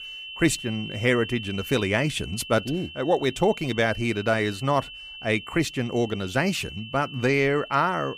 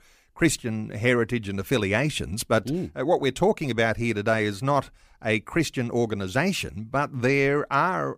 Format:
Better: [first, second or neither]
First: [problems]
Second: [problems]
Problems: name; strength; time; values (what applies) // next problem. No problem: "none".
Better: second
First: high-pitched whine; noticeable; throughout; 3 kHz, 15 dB below the speech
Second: none